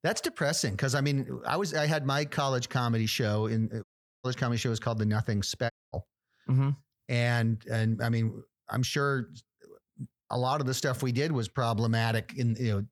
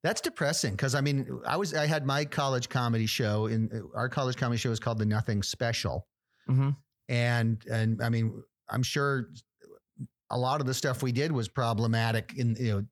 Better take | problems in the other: second | audio cutting out; at 4 s and at 5.5 s

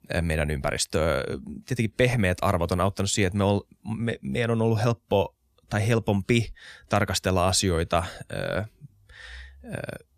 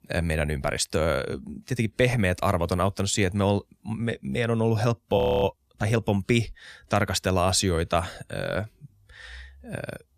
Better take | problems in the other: first | audio freezing; at 5 s

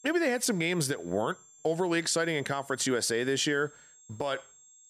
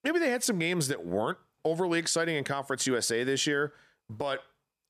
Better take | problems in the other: second | high-pitched whine; faint; throughout; 7.5 kHz, 25 dB below the speech

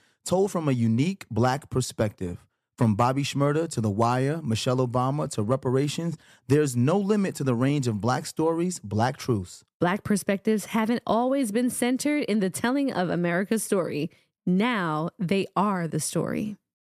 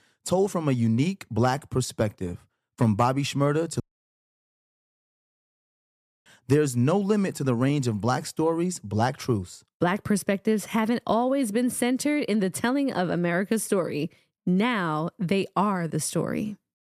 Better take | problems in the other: first | audio cutting out; at 4 s for 2.5 s

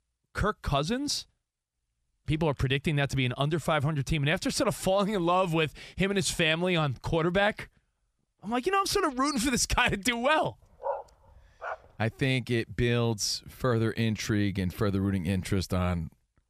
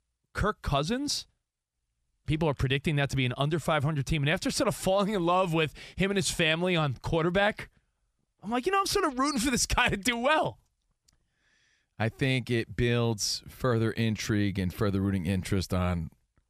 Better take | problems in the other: second | dog barking; noticeable; at 11 s; peak 8 dB below the speech

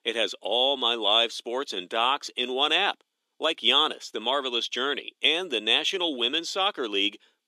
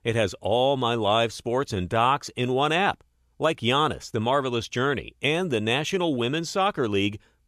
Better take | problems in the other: second | thin; somewhat; fading below 250 Hz

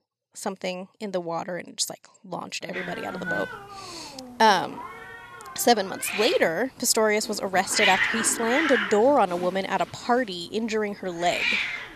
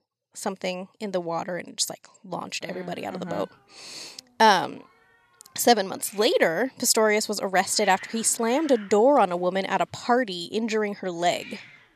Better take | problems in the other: second | hiss; loud; from 3 s on; 3 dB below the speech; faint in the second

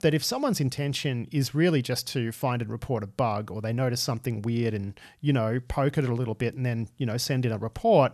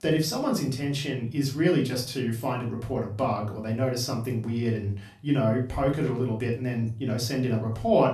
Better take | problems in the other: first | room echo; slight; dies away in 0.3 s // off-mic speech; far

